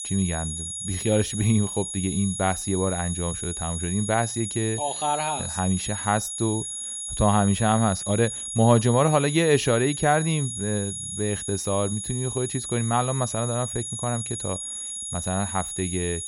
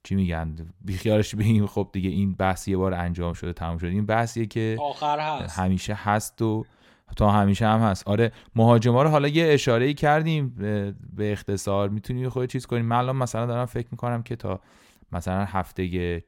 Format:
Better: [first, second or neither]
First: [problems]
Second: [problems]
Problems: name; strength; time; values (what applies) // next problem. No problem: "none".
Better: second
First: high-pitched whine; loud; throughout; 10 kHz, 5 dB below the speech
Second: none